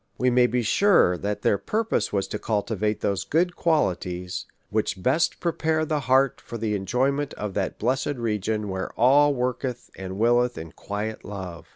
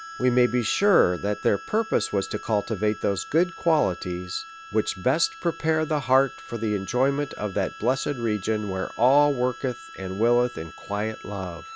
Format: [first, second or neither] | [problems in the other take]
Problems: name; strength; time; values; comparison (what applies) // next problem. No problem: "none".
first | background sound (Harmonica); 17 dB below the speech